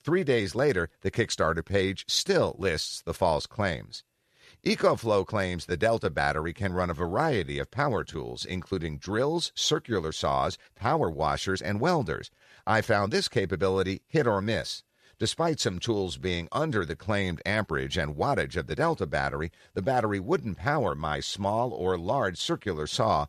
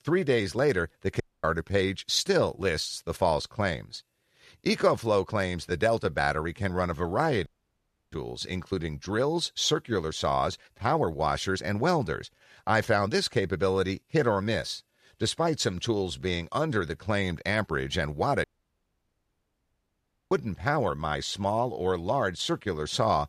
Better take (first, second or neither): first